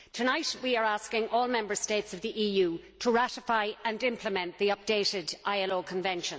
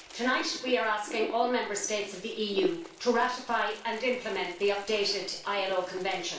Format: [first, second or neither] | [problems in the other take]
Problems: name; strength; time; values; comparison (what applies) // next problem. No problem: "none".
first | background sound (Wind); 15 dB below the speech // room echo; dies away in 0.3 s